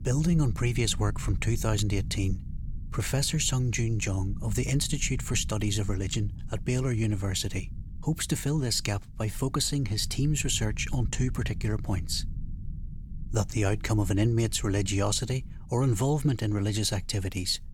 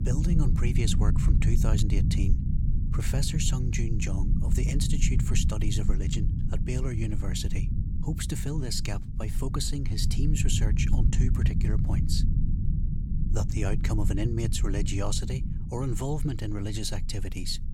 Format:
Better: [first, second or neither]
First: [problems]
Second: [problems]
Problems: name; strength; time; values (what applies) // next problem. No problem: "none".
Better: first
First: low rumble; faint; throughout; 20 dB below the speech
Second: low rumble; loud; throughout; 6 dB below the speech